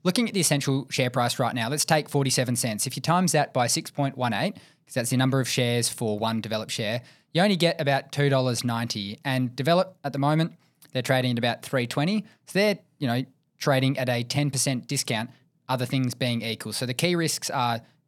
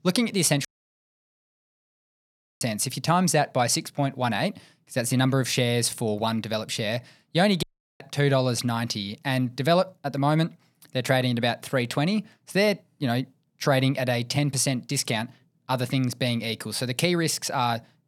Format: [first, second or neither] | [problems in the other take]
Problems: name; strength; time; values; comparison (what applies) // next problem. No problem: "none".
first | audio cutting out; at 0.5 s for 2 s and at 7.5 s